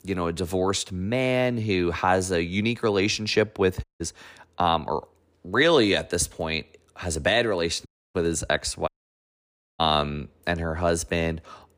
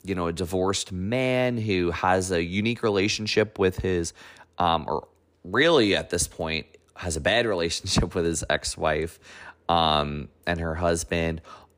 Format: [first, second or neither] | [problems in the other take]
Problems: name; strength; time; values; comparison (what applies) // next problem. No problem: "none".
second | audio cutting out; at 4 s, at 8 s and at 9 s for 1 s